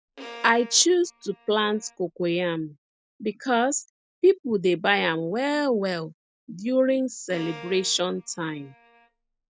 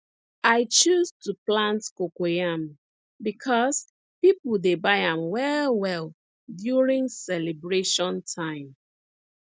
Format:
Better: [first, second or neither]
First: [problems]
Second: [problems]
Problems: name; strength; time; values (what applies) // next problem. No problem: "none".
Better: second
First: background sound (Bowed string instrument); 20 dB below the speech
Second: none